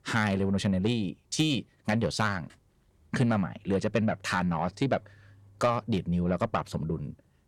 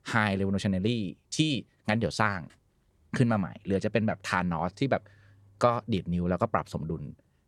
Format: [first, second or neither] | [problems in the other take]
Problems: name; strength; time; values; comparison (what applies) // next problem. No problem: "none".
second | distortion; slight; 10 dB below the speech